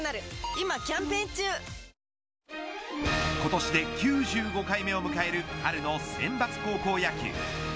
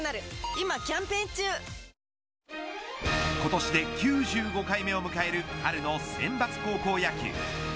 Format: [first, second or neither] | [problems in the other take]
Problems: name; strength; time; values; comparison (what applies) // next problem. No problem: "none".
second | background sound (Brass instrument); 11 dB below the speech